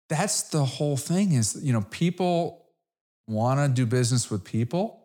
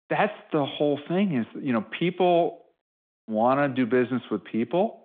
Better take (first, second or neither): first